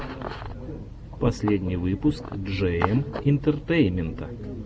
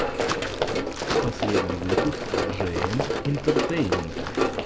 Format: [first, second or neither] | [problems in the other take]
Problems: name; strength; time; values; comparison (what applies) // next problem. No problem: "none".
first | background sound (Run); 4 dB above the speech